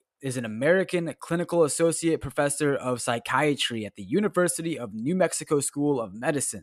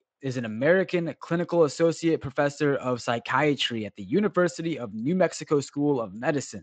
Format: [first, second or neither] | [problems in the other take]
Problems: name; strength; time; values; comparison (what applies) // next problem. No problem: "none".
first | garbled, watery; slightly; nothing above 8 kHz